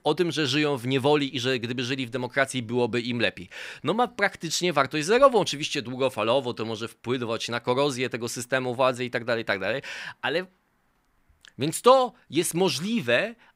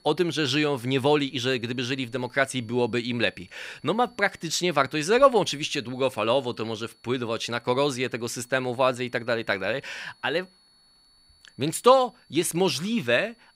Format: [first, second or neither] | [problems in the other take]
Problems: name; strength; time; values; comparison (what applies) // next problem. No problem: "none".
first | high-pitched whine; faint; throughout; 4.5 kHz, 35 dB below the speech